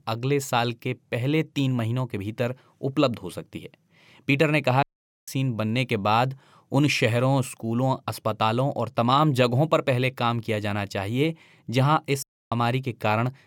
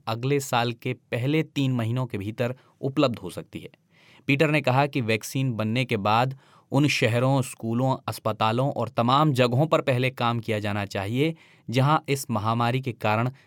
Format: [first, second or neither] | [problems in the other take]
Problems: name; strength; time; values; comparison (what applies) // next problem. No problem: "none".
second | audio cutting out; at 5 s and at 12 s